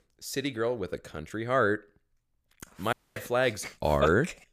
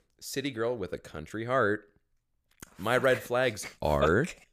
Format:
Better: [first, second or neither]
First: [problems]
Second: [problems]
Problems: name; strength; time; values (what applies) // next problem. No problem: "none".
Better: second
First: audio cutting out; at 3 s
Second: none